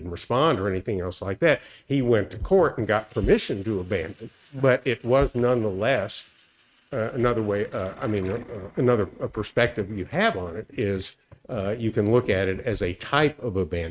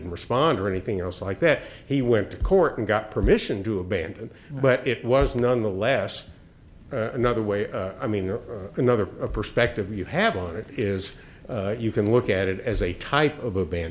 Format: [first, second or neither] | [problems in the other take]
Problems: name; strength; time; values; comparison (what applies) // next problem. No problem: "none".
second | noise reduction (neural mask model RNNoise)